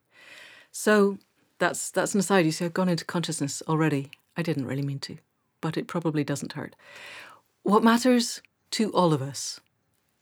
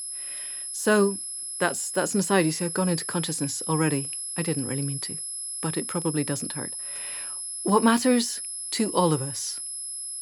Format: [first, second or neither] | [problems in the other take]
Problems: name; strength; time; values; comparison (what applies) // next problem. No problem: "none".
first | high-pitched whine; loud; throughout; 11 kHz, 5 dB below the speech